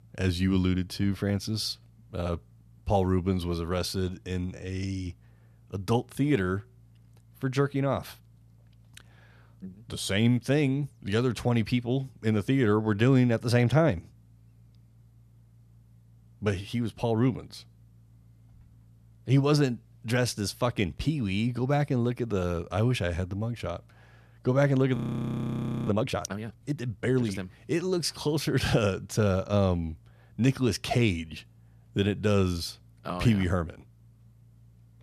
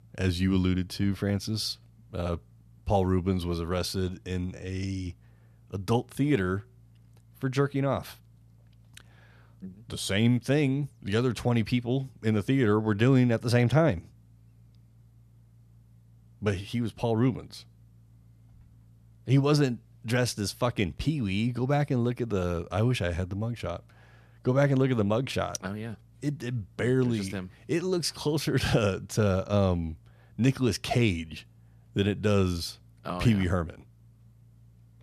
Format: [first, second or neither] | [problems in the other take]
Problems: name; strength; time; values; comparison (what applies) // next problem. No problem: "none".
second | audio freezing; at 25 s for 1 s